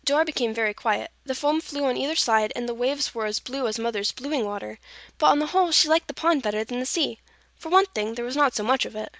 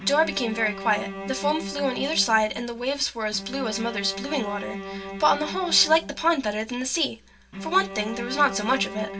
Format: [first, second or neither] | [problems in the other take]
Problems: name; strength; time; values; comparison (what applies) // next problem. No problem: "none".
first | background sound (Bowed string instrument); 10 dB below the speech // room echo; dies away in 0.2 s